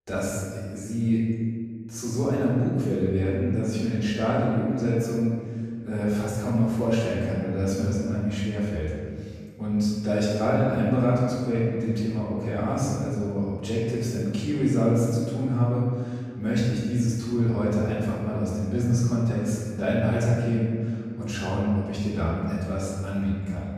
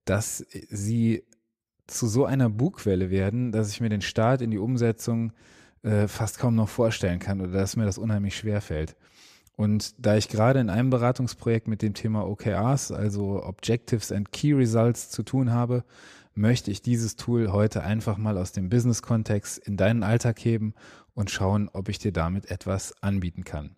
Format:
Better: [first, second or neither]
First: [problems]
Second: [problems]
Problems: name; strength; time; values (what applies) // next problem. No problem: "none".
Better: second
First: room echo; strong; dies away in 1.9 s // off-mic speech; far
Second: none